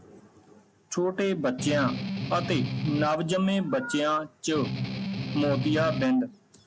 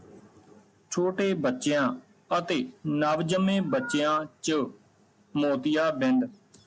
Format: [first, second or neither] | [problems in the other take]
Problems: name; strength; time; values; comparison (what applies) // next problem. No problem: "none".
second | background sound (Strum); 3 dB below the speech